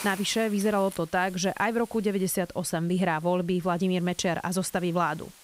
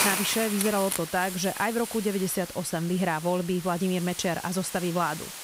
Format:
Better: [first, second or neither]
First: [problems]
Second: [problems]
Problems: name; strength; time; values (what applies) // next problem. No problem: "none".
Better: first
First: hiss; faint; throughout; 20 dB below the speech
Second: hiss; loud; throughout; 6 dB below the speech